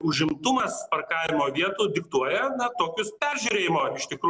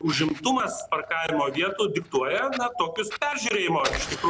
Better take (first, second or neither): first